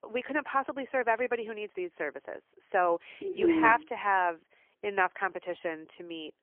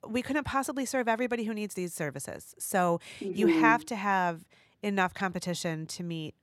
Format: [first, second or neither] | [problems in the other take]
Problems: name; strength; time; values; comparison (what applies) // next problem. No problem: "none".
second | phone-call audio; poor line; nothing above 3 kHz